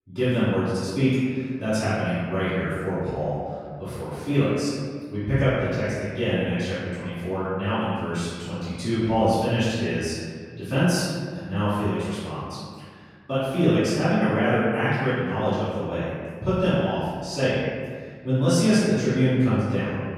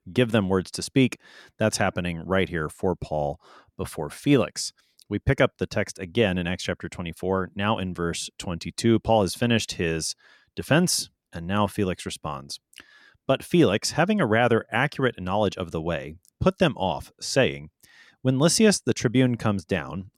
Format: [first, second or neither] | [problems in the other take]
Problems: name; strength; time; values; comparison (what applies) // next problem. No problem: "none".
second | off-mic speech; far // room echo; strong; dies away in 1.8 s